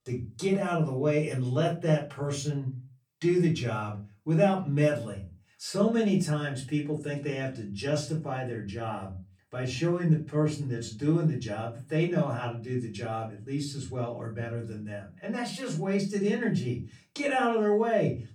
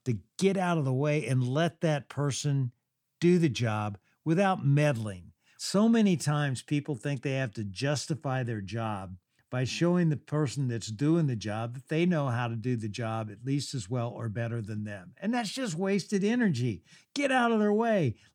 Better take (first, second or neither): second